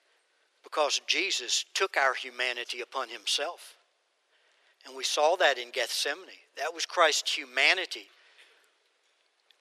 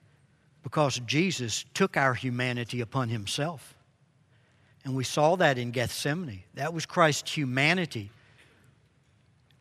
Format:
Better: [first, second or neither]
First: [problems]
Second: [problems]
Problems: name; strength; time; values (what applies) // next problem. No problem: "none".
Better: second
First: thin; very; fading below 400 Hz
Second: none